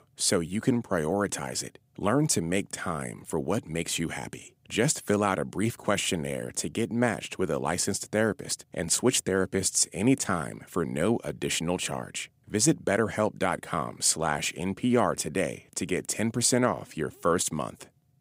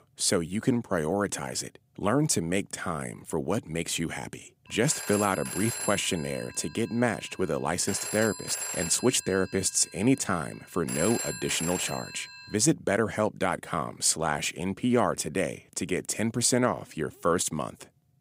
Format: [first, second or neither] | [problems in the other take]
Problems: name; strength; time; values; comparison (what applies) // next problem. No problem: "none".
first | phone ringing; noticeable; from 5 to 13 s; peak 3 dB below the speech